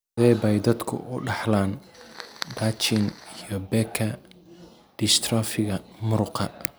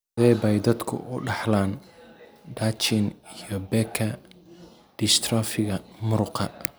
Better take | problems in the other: second | background sound (Fire); 16 dB below the speech

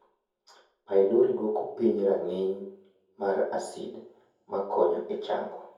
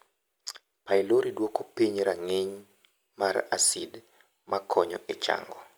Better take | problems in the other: second | room echo; dies away in 0.6 s

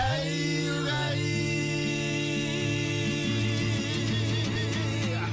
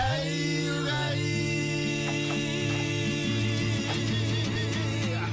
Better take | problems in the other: first | background sound (Door); 20 dB below the speech

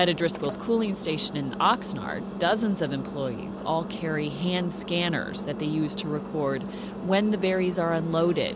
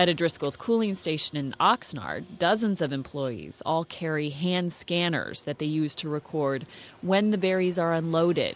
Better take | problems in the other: second | background sound (Engine); 8 dB below the speech

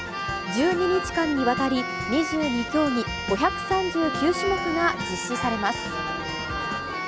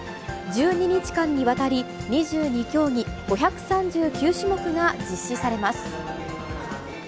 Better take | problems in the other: second | background sound (Keyboard (musical)); 6 dB below the speech

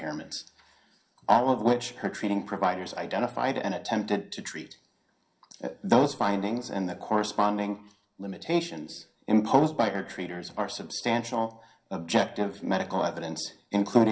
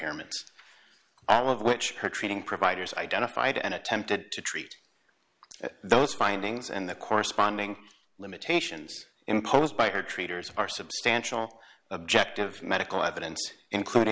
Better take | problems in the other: second | room echo; dies away in 0.3 s

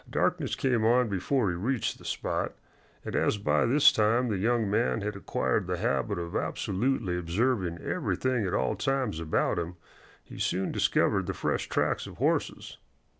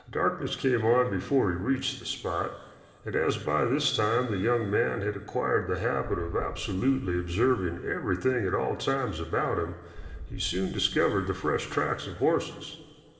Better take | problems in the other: first | background sound (Boom); 15 dB below the speech // room echo; dies away in 2.3 s

